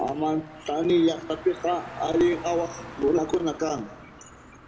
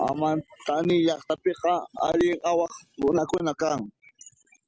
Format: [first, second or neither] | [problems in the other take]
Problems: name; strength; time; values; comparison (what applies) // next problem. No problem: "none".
second | background sound (Car); 17 dB below the speech // room echo; dies away in 1.2 s